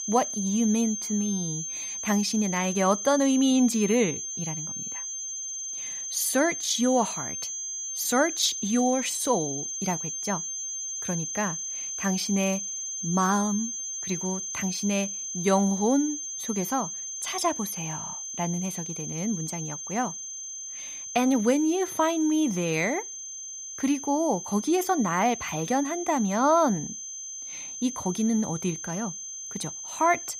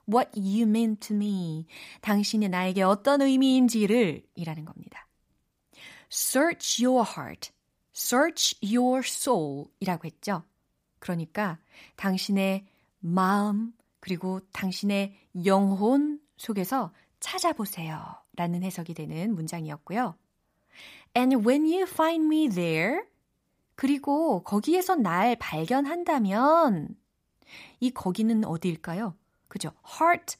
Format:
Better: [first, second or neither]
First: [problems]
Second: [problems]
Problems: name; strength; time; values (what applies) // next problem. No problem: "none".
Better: second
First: high-pitched whine; loud; throughout; 6.5 kHz, 5 dB below the speech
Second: none